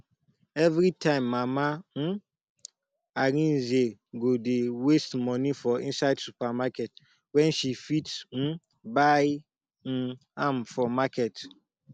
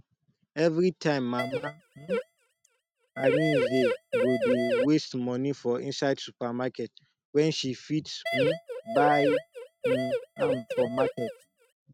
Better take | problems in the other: first | noise reduction (neural mask model RNNoise)

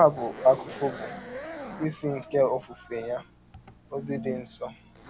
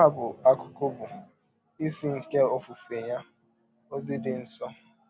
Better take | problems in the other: second | background sound (Zipper (clothing)); 15 dB below the speech

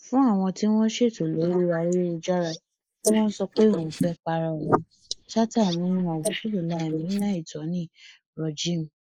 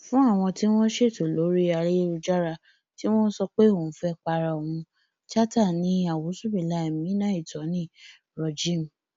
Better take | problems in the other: second | noise reduction (neural mask model Resemble Enhance denoiser)

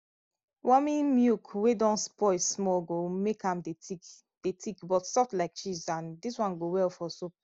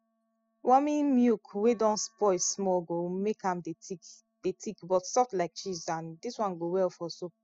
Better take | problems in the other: first | noise reduction (classical method spectral subtraction)

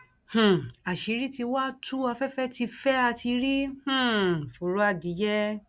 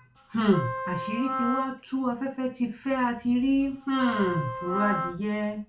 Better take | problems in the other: first | background sound (Wind instrument, woodwind instrument); 6 dB below the speech // room echo; dies away in 0.3 s

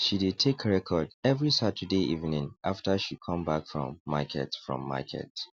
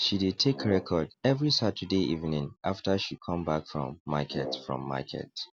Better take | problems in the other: first | background sound (Brass instrument); 13 dB below the speech

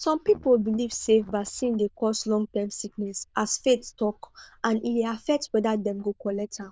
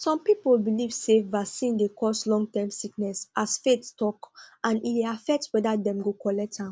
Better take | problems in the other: second | noise reduction (neural diffusion model UNIVERSE++)

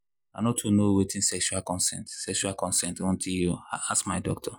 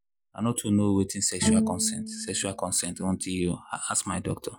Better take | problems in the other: first | background sound (Bowed string instrument); 3 dB below the speech

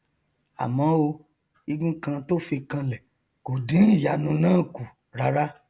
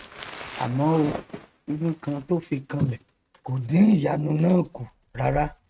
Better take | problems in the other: first | noise reduction (neural mask model RNNoise)

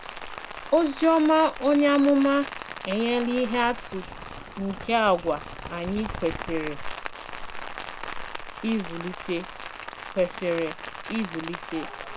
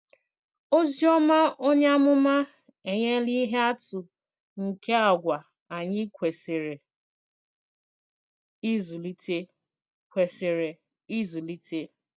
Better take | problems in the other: second | background sound (Rain); 10 dB below the speech

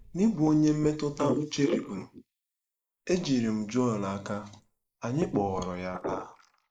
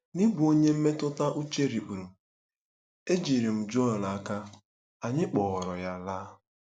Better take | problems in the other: second | noise reduction (neural mask model Resemble Enhance denoiser)

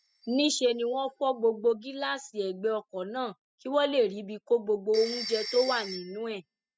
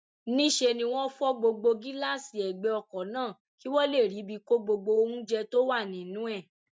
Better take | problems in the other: second | noise reduction (classical method spectral subtraction)

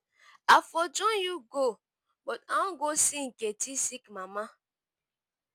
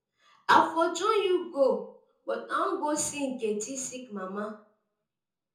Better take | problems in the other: first | room echo; dies away in 0.5 s

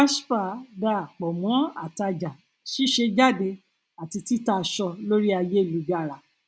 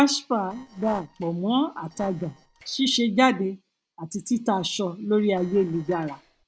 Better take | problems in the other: first | noise reduction (neural separator model SepFormer DNS4)

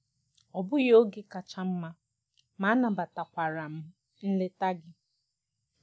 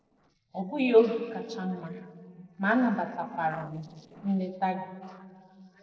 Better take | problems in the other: first | noise reduction (neural separator model SepFormer DNS4)

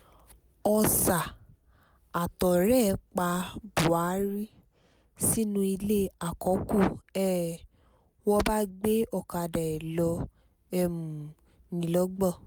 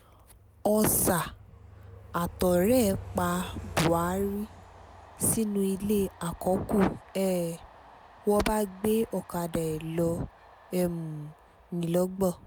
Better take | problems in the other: first | background sound (Train); 18 dB below the speech

